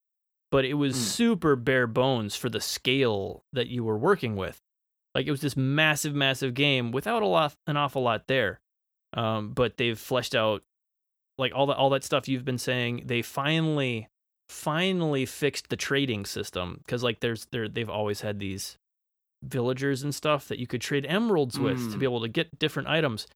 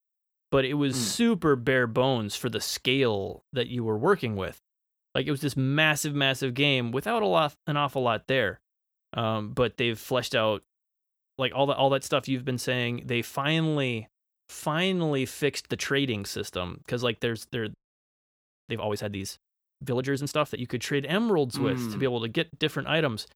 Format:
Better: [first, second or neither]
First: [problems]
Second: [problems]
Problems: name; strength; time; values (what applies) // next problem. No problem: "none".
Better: first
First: none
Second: audio freezing; at 18 s for 1 s